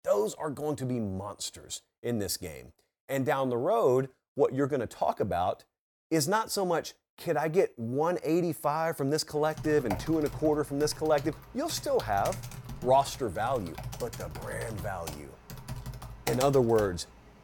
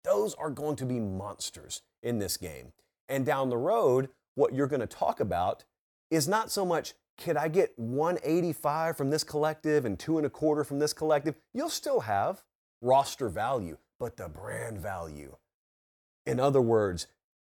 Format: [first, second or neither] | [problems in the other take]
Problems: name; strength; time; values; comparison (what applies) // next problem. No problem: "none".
second | keyboard typing; noticeable; from 9.5 to 17 s; peak 6 dB below the speech